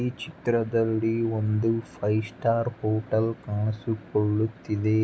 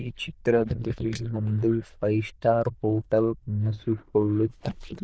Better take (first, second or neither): first